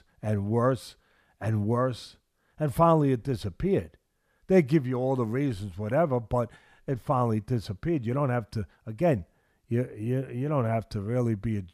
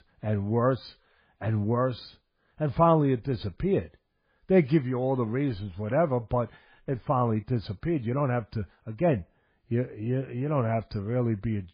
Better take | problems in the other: first | garbled, watery; badly

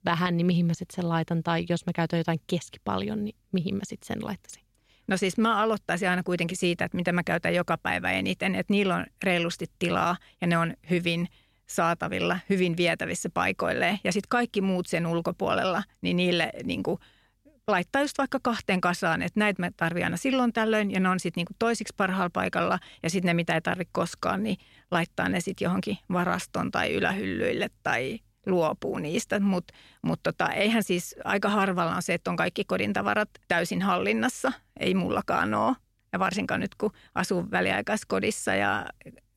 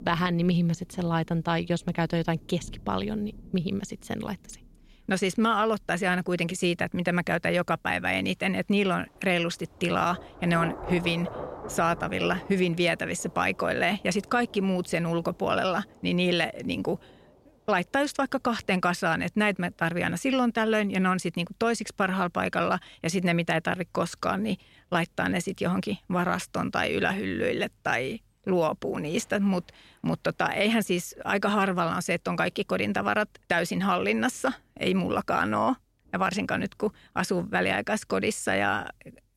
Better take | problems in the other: first | rain or running water; noticeable; throughout; 20 dB below the speech

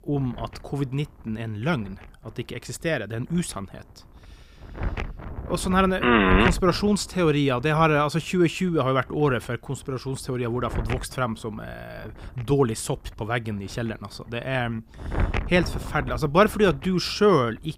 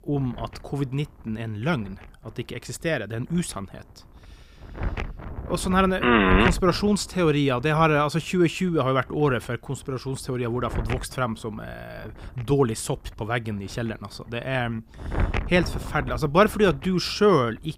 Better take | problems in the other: neither | wind noise on the microphone; occasional gusts; 15 dB below the speech; the same in both

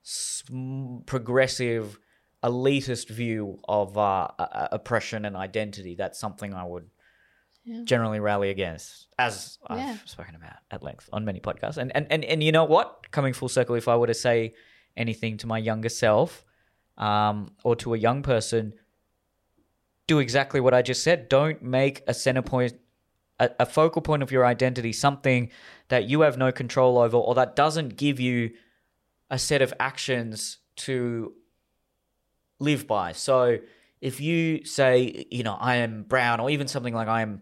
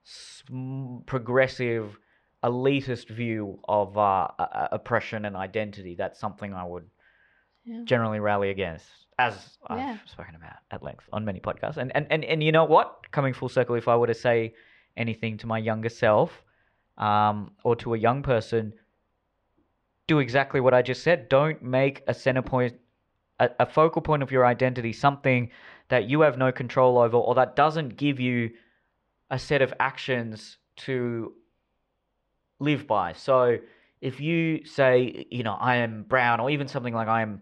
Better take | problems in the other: first | muffled; slightly; fading above 2.5 kHz

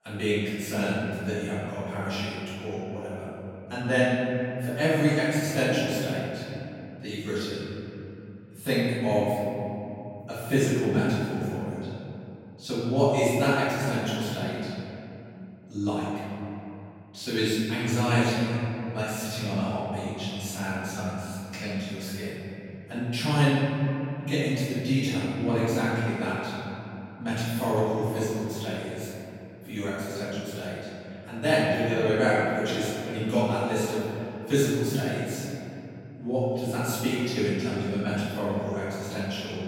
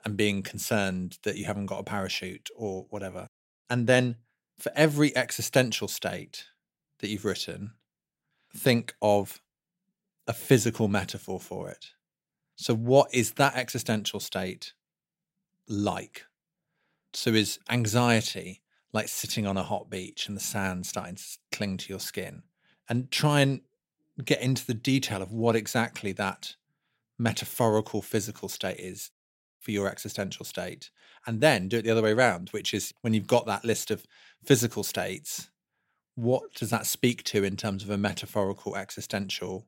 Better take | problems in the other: second | room echo; strong; dies away in 3 s // off-mic speech; far

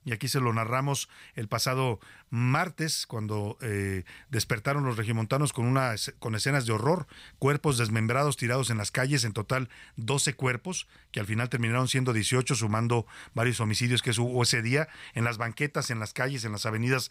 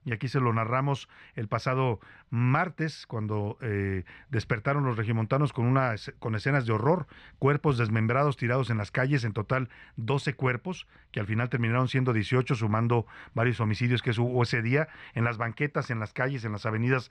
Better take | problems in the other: first | muffled; slightly; fading above 2.5 kHz

